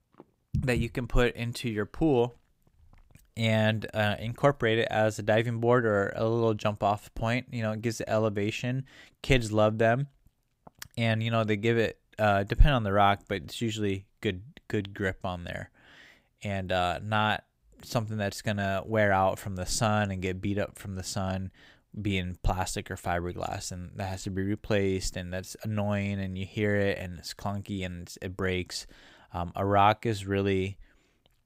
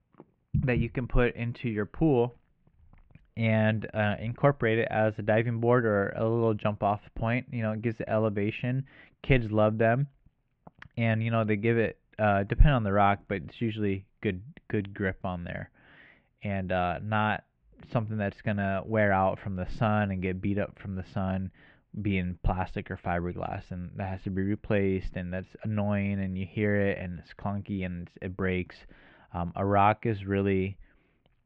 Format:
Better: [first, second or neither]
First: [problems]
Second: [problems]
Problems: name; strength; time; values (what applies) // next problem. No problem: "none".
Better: first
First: none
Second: muffled; very; fading above 2.5 kHz